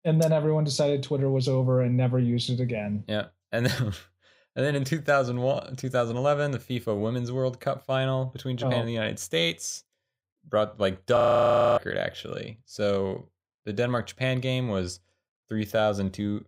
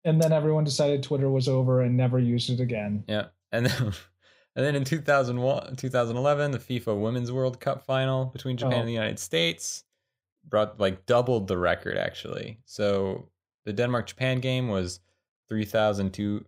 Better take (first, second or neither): second